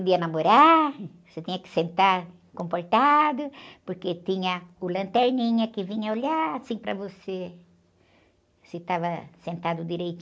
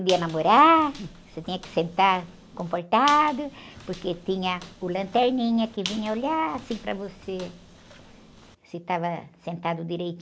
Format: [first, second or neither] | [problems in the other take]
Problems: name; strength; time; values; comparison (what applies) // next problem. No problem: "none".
first | background sound (Squeak); 17 dB below the speech